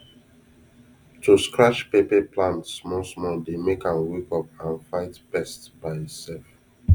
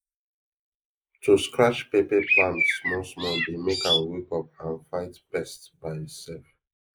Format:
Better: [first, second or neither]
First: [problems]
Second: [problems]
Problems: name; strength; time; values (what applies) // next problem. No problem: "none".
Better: first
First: none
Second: noise reduction (neural mask model Resemble Enhance denoiser)